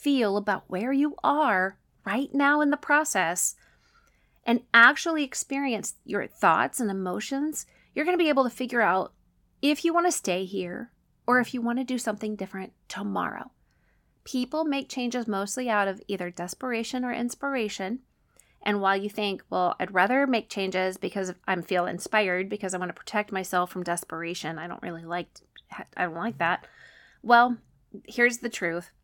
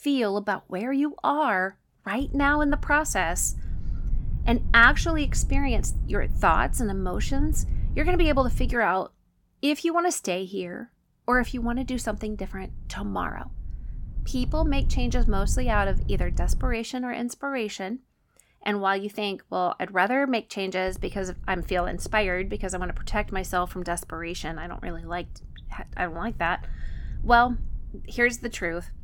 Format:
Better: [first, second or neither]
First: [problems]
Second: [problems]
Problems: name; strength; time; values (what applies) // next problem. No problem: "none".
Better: first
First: none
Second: low rumble; faint; from 2 to 8.5 s, from 11 to 17 s and from 21 s on; 25 dB below the speech